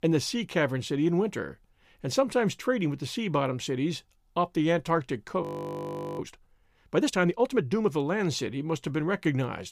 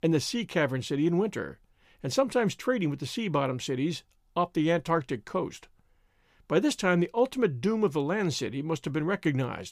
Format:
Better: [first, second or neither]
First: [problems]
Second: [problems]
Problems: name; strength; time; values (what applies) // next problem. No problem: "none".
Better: second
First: audio freezing; at 5.5 s for 1 s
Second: none